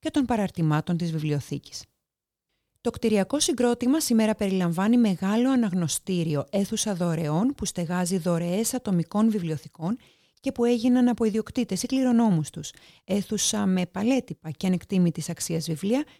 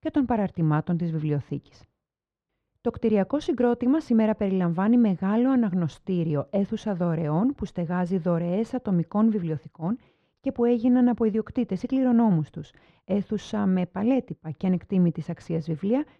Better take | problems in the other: first | muffled; very; fading above 1.5 kHz

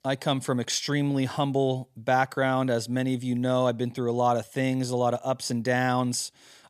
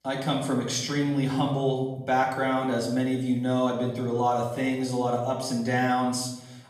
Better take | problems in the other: first | room echo; noticeable; dies away in 0.8 s // off-mic speech; far

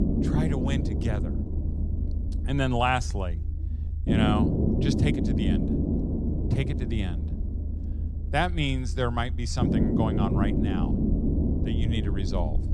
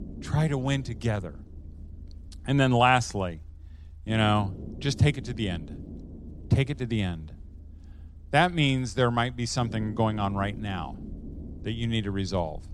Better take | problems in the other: second | low rumble; loud; throughout; 3 dB below the speech; faint in the second

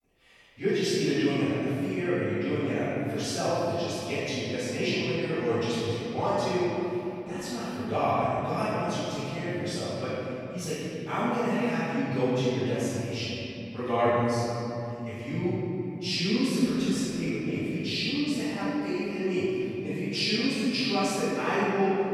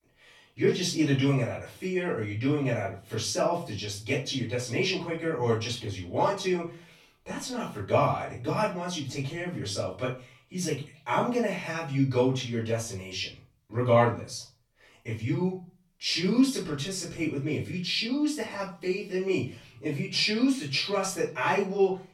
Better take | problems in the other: second | room echo; strong; dies away in 3 s; slight in the second // off-mic speech; far; far in the second

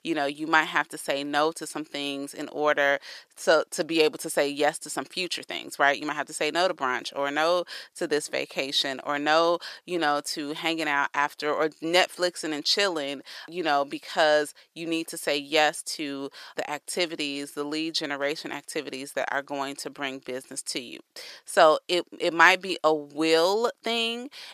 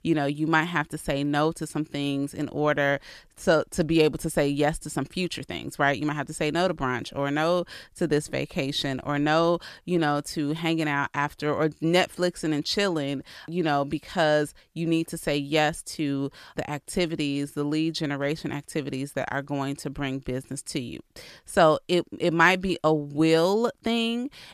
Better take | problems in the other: second | thin; somewhat; fading below 450 Hz

